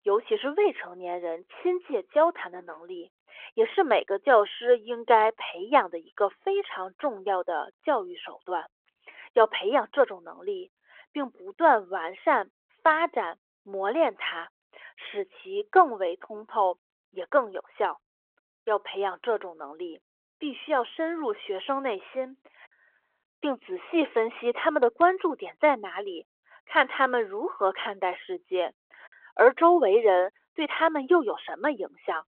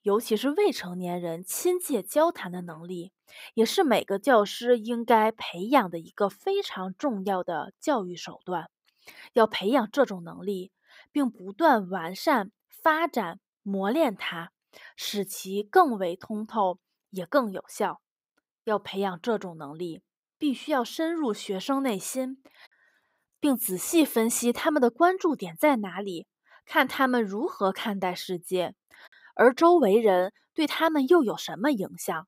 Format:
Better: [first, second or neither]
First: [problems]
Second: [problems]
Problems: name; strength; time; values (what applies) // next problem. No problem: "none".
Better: second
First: phone-call audio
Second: none